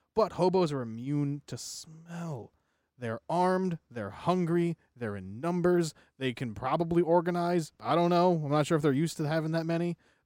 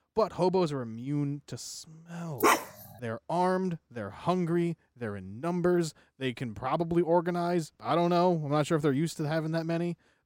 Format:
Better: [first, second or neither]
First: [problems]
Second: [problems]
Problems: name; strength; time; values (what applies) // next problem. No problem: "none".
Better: first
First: none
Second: dog barking; loud; at 2.5 s; peak 5 dB above the speech